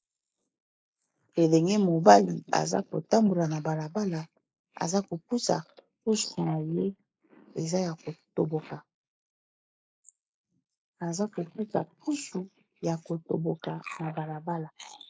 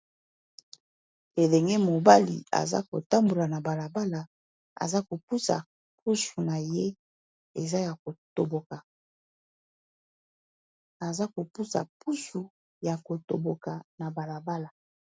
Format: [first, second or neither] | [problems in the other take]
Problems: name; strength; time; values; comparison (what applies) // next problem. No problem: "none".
second | noise reduction (neural mask model Resemble Enhance denoiser)